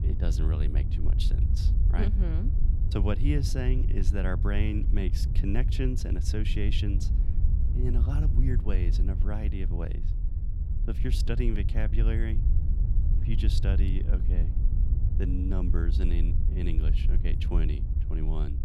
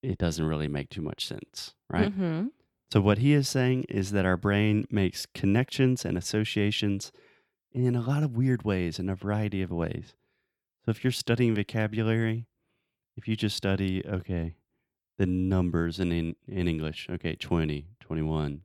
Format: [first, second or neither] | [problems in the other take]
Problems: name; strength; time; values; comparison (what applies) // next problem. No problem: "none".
second | wind noise on the microphone; heavy; 7 dB below the speech